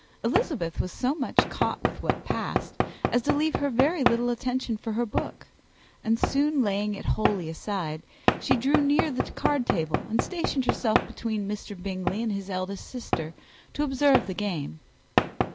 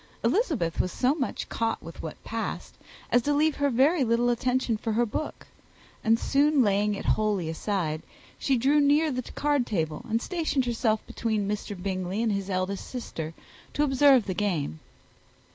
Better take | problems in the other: second | background sound (Knock / Wood); 2 dB below the speech

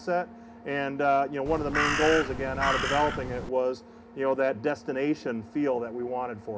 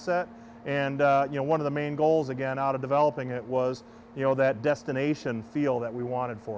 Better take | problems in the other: second | background sound (Crow); 2 dB below the speech // room echo; dies away in 0.3 s

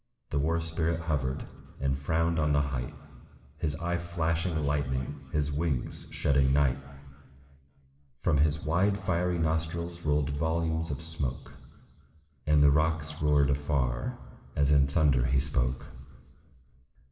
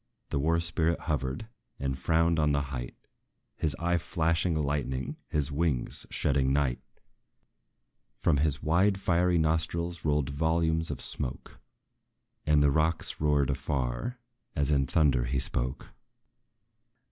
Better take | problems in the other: second | room echo; dies away in 2.3 s

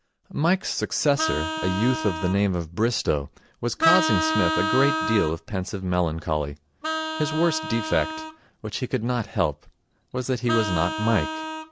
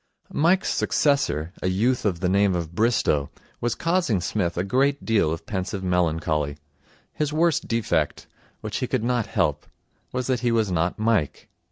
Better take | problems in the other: second | background sound (Vehicle horn, car horn, honking); 5 dB below the speech

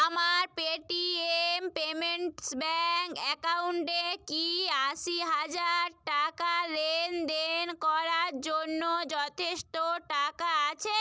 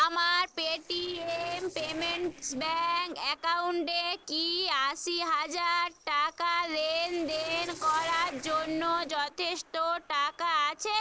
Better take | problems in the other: first | noise reduction (neural separator model SepFormer DNS4)

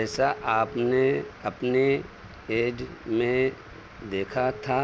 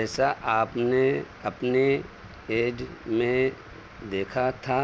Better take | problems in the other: second | background sound (Telephone); 19 dB below the speech

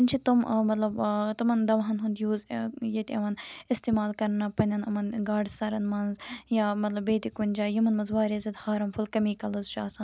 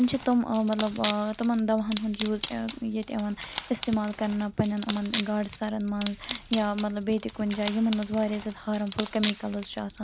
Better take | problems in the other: first | background sound (Wood); 11 dB below the speech

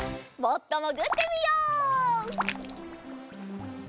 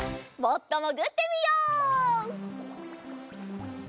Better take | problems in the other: second | background sound (Raindrop); 8 dB below the speech

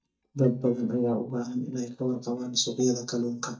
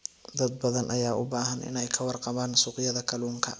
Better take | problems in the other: second | noise reduction (neural mask model DeepFilterNet 3)

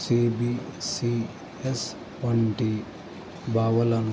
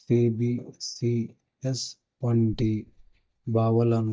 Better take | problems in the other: first | noise reduction (neural mask model DeepFilterNet 3)

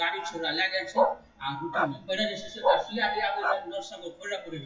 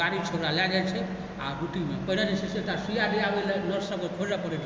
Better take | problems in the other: second | noise reduction (classical method WPE with log-MMSE)

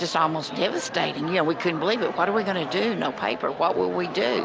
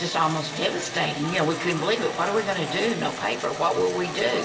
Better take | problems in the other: first | background sound (Engine / Drill); 14 dB below the speech // room echo; dies away in 0.7 s

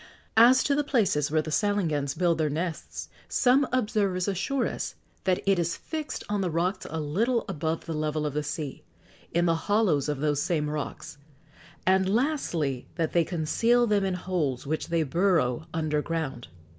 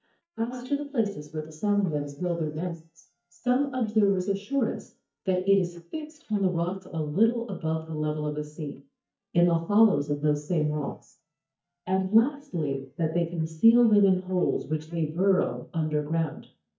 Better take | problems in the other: first | noise reduction (neural mask model DeepFilterNet 3)

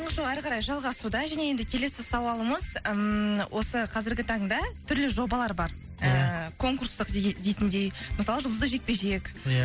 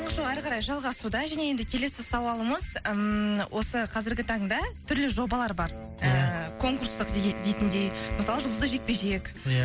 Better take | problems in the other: first | background sound (Wind instrument, woodwind instrument); 14 dB below the speech

